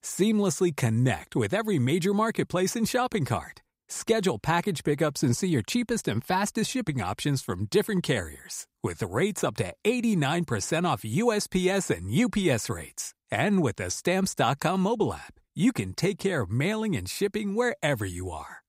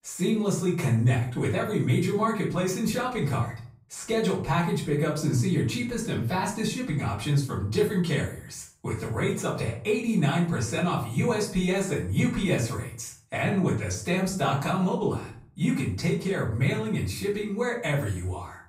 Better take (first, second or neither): first